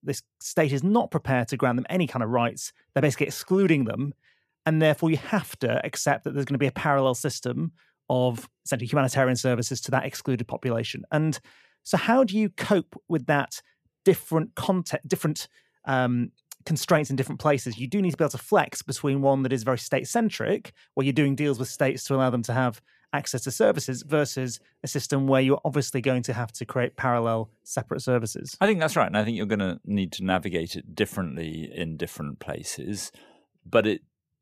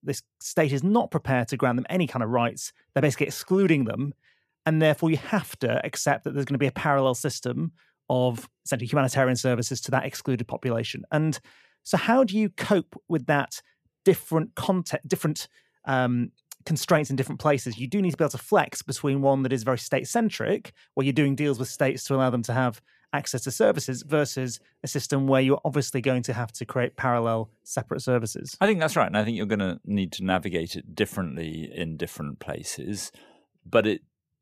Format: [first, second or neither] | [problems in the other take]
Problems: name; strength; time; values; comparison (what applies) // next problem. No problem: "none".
neither | none